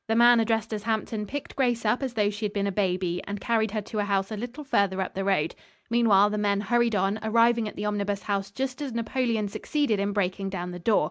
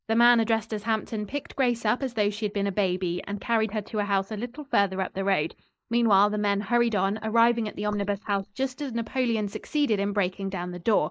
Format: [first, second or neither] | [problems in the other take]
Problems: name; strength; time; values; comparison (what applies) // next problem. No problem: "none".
first | noise reduction (neural mask model Resemble Enhance denoiser)